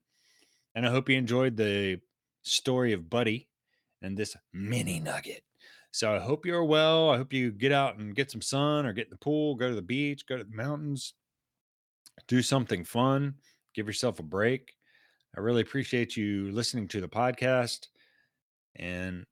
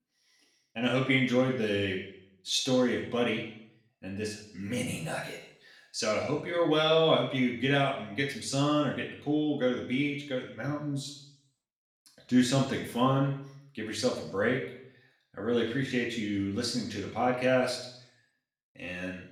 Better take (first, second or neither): first